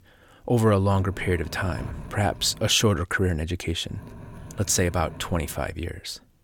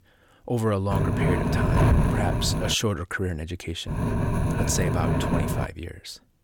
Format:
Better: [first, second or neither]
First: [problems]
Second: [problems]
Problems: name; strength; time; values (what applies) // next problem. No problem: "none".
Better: first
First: wind noise on the microphone; occasional gusts; from 1 to 2.5 s and from 4 to 5.5 s; 20 dB below the speech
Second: wind noise on the microphone; heavy; from 1 to 2.5 s and from 4 to 5.5 s; as loud as the speech